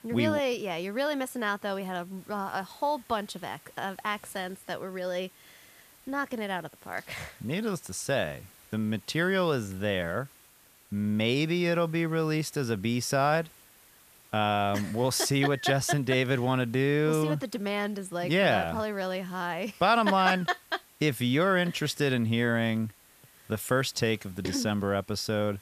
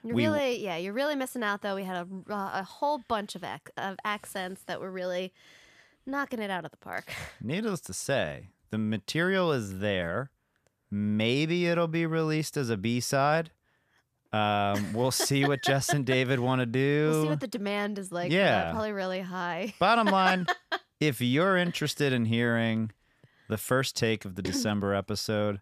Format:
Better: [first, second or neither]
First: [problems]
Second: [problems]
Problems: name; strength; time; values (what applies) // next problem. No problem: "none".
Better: second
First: hiss; faint; throughout; 25 dB below the speech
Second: none